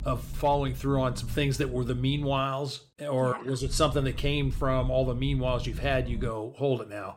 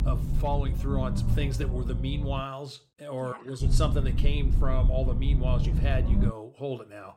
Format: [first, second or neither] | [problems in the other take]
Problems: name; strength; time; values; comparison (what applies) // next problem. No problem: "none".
first | low rumble; loud; until 2.5 s and from 3.5 to 6.5 s; 6 dB below the speech; faint in the first